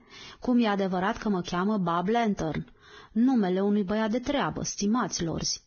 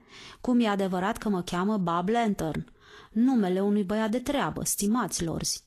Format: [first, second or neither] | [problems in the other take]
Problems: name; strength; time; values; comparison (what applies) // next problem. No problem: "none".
second | garbled, watery; badly; nothing above 6.5 kHz; slightly in the second